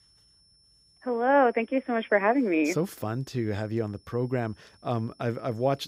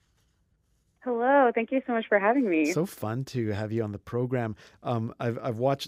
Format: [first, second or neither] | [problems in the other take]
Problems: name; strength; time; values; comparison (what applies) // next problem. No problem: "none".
second | high-pitched whine; faint; throughout; 5.5 kHz, 30 dB below the speech